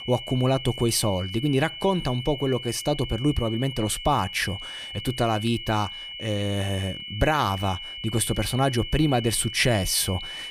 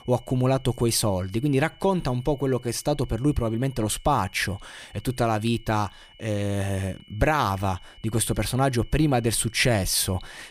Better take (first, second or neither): second